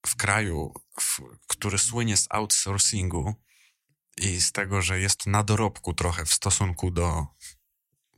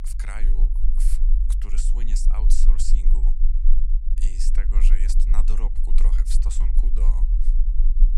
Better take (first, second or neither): first